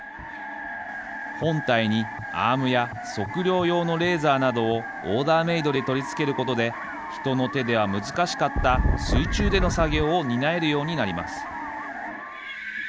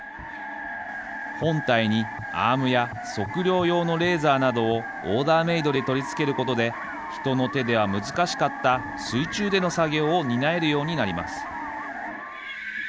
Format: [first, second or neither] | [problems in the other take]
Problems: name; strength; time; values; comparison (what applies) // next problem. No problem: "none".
second | background sound (Wind); 1 dB above the speech